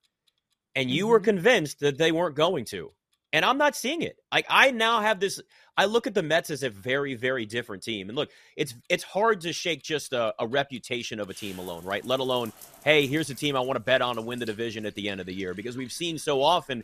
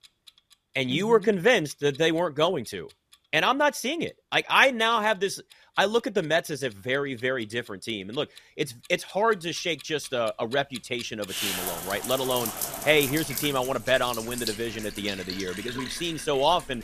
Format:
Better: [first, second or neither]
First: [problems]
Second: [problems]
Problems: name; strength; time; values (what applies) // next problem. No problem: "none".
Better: first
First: household noises; faint; throughout; 25 dB below the speech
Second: household noises; loud; throughout; 8 dB below the speech